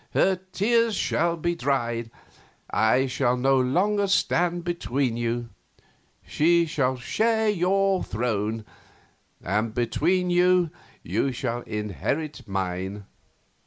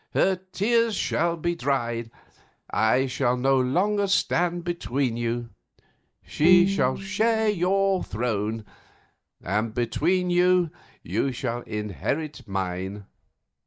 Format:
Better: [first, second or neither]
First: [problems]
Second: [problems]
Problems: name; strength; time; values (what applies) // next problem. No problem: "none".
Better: first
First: none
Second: noise reduction (neural mask model DeepFilterNet 3)